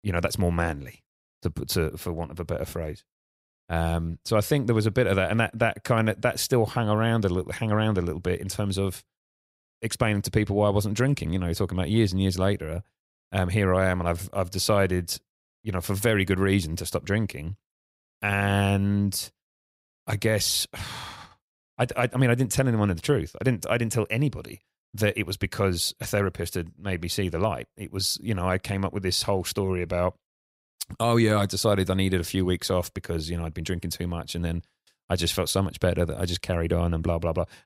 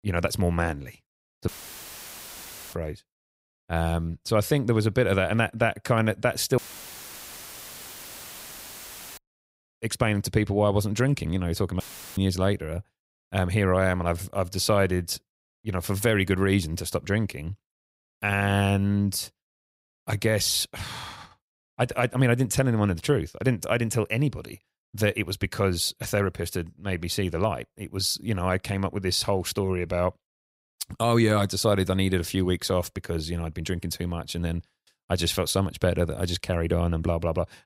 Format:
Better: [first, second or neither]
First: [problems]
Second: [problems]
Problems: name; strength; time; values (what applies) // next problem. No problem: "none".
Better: first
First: none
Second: audio cutting out; filled with static; at 1.5 s for 1.5 s, at 6.5 s for 2.5 s and at 12 s